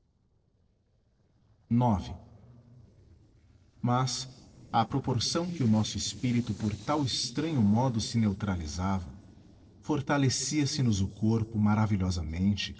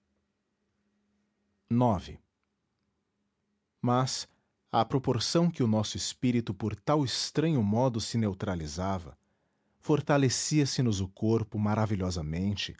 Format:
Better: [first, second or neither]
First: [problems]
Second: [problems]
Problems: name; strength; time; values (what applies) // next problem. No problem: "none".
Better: second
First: noise reduction (neural separator model SepFormer DNS4)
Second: none